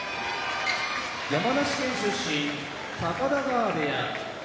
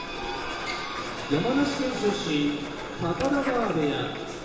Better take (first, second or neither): first